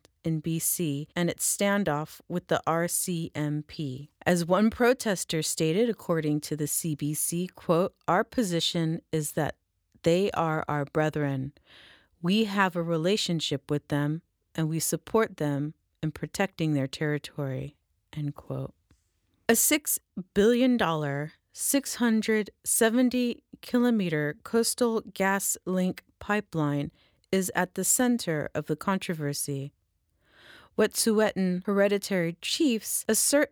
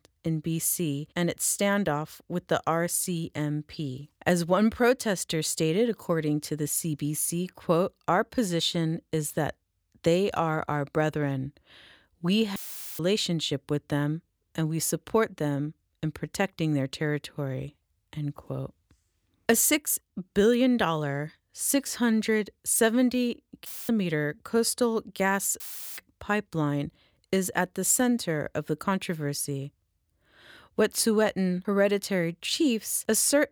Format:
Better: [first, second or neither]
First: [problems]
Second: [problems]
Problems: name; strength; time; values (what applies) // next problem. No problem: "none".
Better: first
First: none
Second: audio cutting out; filled with static; at 13 s, at 24 s and at 26 s